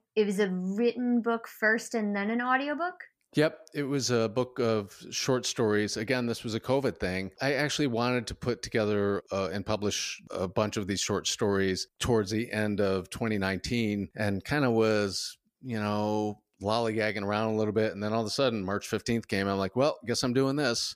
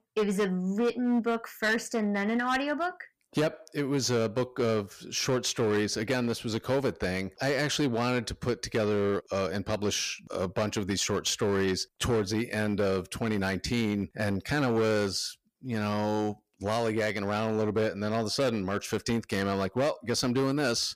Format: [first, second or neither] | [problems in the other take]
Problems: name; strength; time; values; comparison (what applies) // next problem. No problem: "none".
first | distortion; slight; 8% of the sound clipped